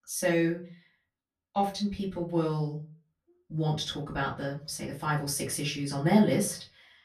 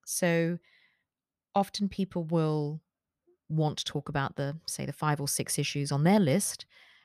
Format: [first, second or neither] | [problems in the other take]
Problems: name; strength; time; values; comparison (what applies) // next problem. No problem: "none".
second | off-mic speech; far // room echo; very slight; dies away in 0.3 s